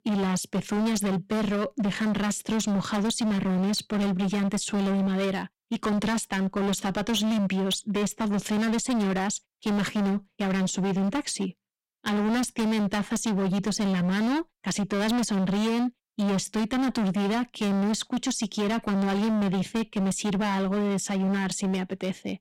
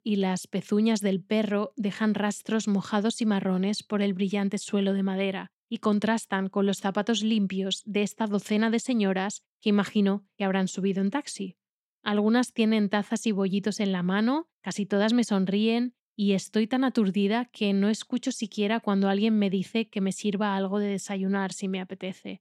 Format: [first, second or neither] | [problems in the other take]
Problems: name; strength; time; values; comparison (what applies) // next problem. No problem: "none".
second | distortion; heavy; 34% of the sound clipped